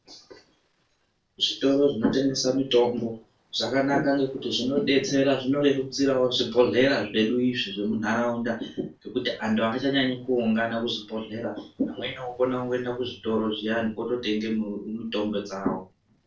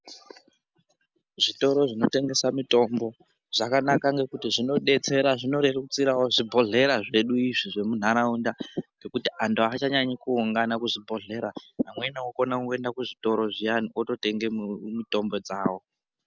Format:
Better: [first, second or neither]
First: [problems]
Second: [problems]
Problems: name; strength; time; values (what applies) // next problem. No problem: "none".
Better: second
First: noise reduction (neural separator model SepFormer DNS4)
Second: none